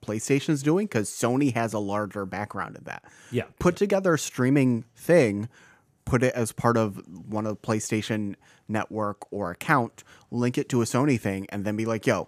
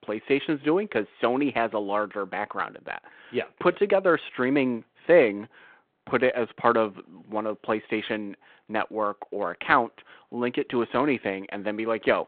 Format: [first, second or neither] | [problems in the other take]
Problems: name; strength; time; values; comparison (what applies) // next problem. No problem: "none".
first | phone-call audio; nothing above 3.5 kHz